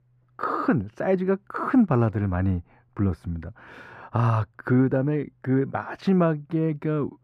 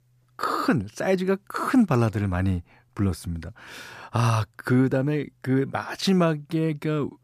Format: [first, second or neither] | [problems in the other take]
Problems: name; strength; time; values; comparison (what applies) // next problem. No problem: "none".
second | muffled; very; fading above 3 kHz